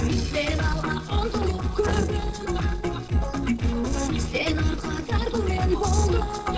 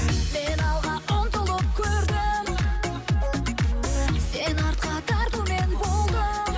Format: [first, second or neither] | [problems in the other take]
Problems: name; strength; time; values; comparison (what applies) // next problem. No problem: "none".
second | noise reduction (neural separator model SepFormer DNS4)